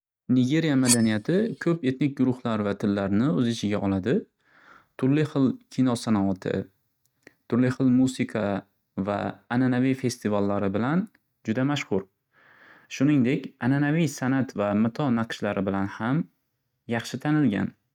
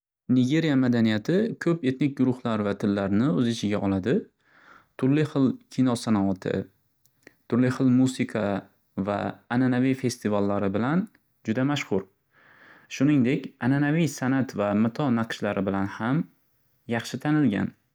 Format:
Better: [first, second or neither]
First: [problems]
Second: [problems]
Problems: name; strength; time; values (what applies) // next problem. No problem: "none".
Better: second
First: noise reduction (neural mask model RNNoise)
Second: none